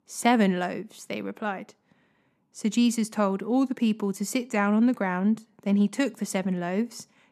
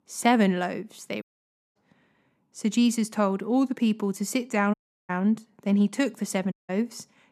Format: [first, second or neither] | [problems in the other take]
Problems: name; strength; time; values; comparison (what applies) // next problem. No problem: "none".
first | audio cutting out; at 1 s for 0.5 s, at 4.5 s and at 6.5 s